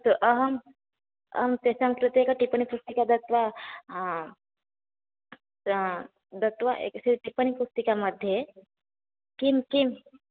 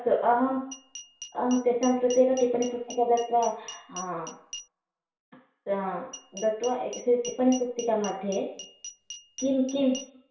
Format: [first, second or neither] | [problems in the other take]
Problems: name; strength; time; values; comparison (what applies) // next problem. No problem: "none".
first | background sound (Glass); 16 dB below the speech // room echo; dies away in 0.6 s